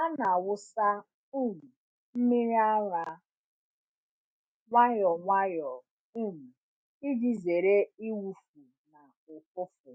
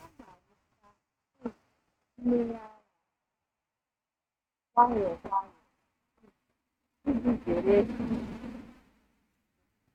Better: first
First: none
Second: noise reduction (neural mask model RNNoise)

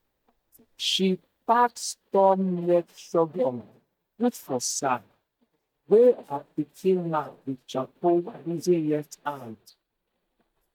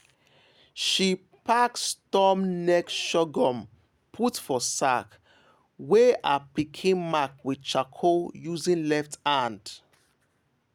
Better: second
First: noise reduction (neural mask model DeepFilterNet 3)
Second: none

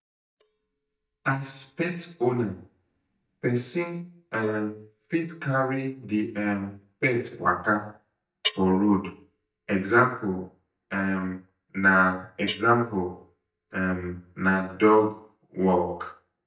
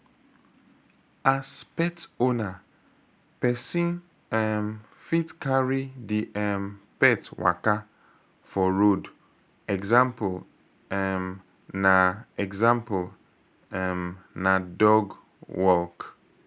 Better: second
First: noise reduction (neural mask model DeepFilterNet 3)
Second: none

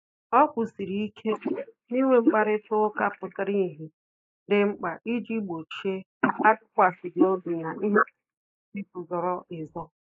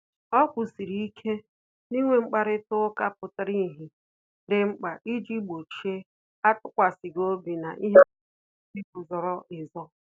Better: second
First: noise reduction (neural mask model Resemble Enhance denoiser)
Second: none

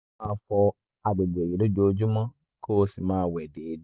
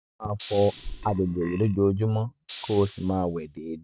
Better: first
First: none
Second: background sound (Burping, eructation + Hiss); 15 dB below the speech

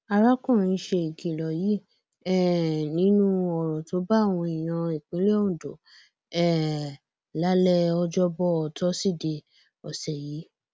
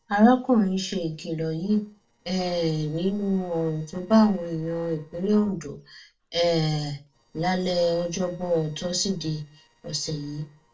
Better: first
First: none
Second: noise reduction (neural separator model SepFormer DNS4)

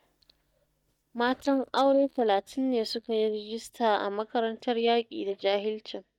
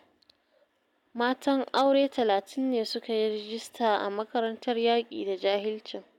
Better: second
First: noise reduction (neural mask model DeepFilterNet 3)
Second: none

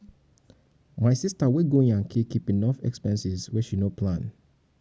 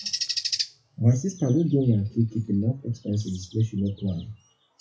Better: first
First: none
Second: noise reduction (classical method WPE with log-MMSE)

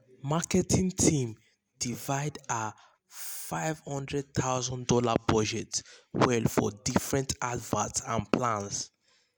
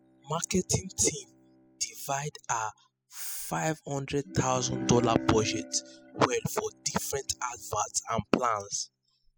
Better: first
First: none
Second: noise reduction (classical method spectral subtraction)

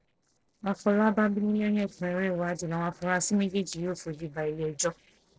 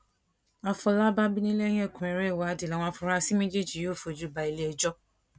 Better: second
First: noise reduction (neural separator model SepFormer DNS4)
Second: none

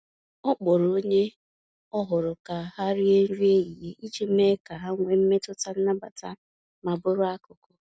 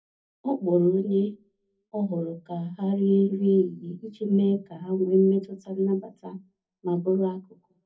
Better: first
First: none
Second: room echo; dies away in 0.3 s

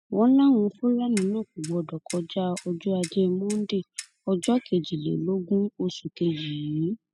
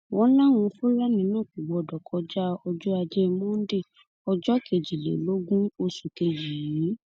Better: second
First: noise reduction (classical method spectral subtraction)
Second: none

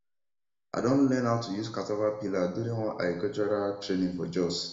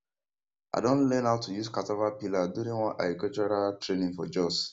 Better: second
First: room echo; dies away in 0.8 s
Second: none

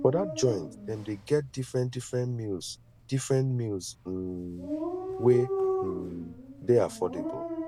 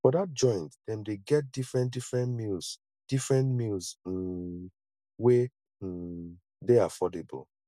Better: second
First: background sound (Dog); 7 dB below the speech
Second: none

